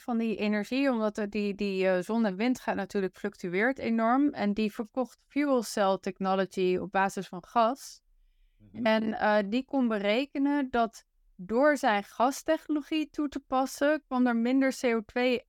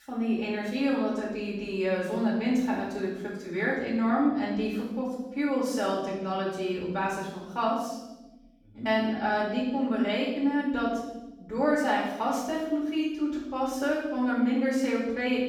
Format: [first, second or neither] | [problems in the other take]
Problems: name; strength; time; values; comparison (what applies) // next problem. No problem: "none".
first | off-mic speech; far // room echo; noticeable; dies away in 1 s